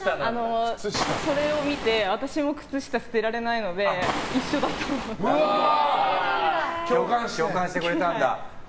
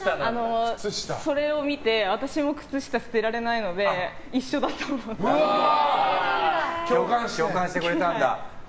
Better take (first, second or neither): second